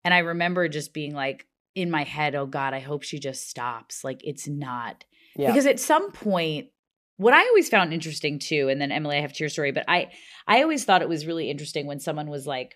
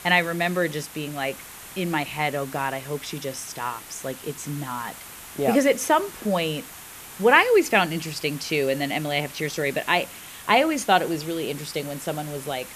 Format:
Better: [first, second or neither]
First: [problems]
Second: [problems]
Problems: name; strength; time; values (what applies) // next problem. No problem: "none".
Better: first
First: none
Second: hiss; noticeable; throughout; 15 dB below the speech